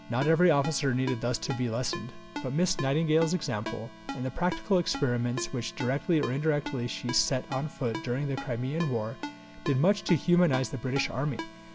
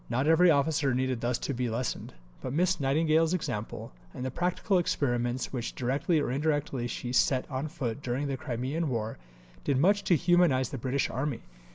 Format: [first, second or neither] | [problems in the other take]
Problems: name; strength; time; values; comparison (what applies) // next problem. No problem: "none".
second | background sound (Ringtone); 12 dB below the speech